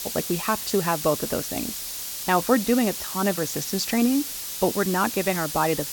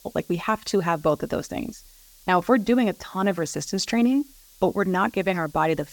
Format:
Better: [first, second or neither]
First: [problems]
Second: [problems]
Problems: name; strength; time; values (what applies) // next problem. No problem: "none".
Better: second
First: hiss; loud; throughout; 5 dB below the speech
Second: hiss; faint; throughout; 25 dB below the speech